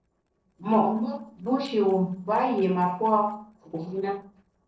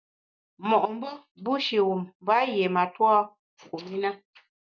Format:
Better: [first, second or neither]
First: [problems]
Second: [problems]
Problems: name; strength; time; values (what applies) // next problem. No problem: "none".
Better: second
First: noise reduction (neural separator model SepFormer DNS4)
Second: none